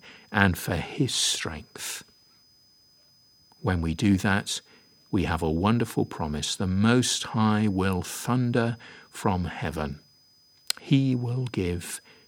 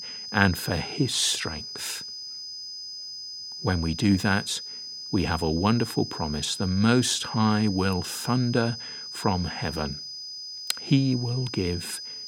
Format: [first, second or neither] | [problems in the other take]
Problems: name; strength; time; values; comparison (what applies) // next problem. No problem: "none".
first | high-pitched whine; loud; throughout; 5 kHz, 9 dB below the speech; faint in the first